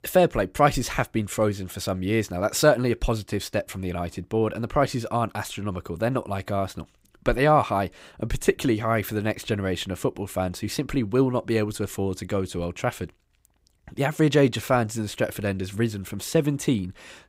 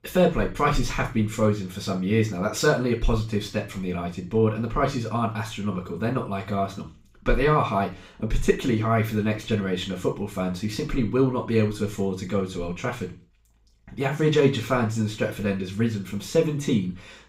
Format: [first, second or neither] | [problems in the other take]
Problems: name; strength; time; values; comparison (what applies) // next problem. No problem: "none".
first | room echo; slight; dies away in 0.3 s // off-mic speech; far